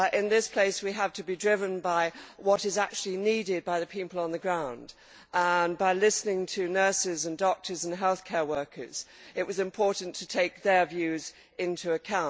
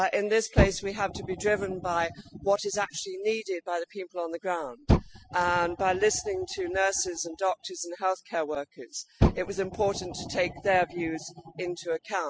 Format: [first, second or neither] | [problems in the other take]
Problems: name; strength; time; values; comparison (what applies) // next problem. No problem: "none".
first | noise reduction (classical method spectral subtraction)